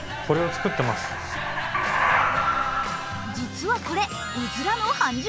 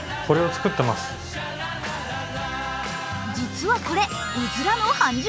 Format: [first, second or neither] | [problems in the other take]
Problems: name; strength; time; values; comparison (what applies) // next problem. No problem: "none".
second | background sound (Animal); as loud as the speech